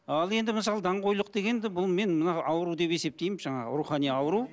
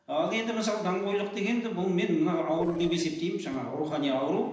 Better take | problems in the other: first | noise reduction (neural separator model SepFormer DNS4)

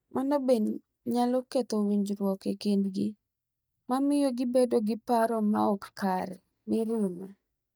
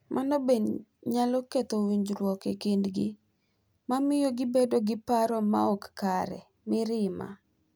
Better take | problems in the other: second | noise reduction (neural mask model DeepFilterNet 3)

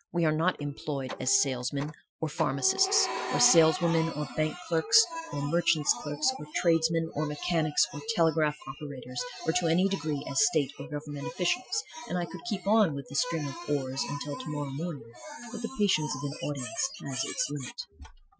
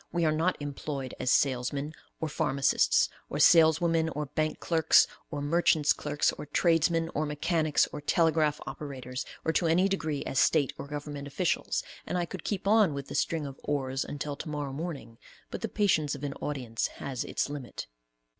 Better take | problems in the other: second | noise reduction (classical method Wiener filter)

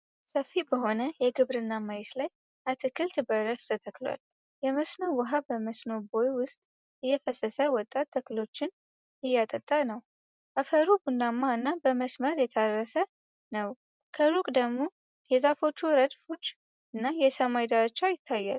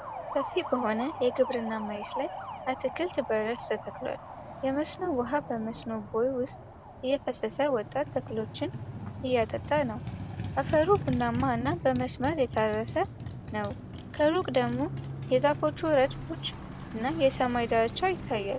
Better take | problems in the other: first | background sound (Motorcycle); 9 dB below the speech

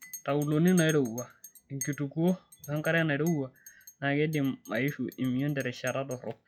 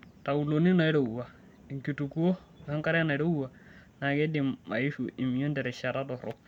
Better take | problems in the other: second | noise reduction (classical method log-MMSE)

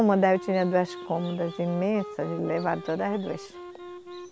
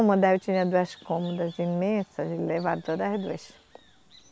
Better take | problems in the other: second | background sound (Wind instrument, woodwind instrument); 15 dB below the speech

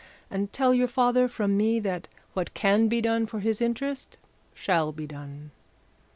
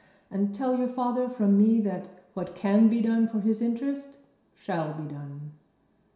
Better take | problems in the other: first | room echo; dies away in 0.7 s

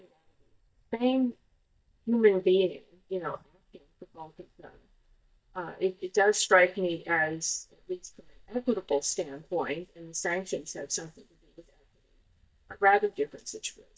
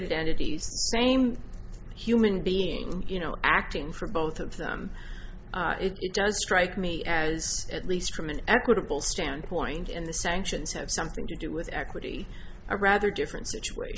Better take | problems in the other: second | noise reduction (neural mask model DeepFilterNet 3)

